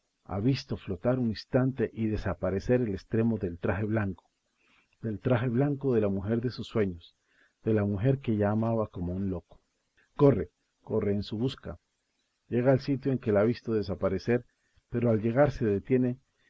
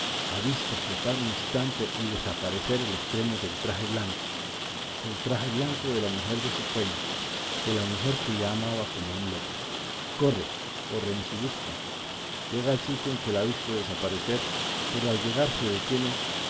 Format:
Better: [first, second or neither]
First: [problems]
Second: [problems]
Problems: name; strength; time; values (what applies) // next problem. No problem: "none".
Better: first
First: none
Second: background sound (Rain); 1 dB below the speech